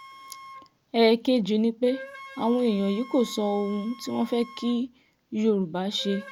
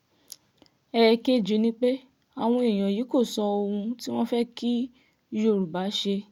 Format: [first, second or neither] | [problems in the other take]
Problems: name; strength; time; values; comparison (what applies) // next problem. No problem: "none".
second | background sound (Wind instrument, woodwind instrument); 19 dB below the speech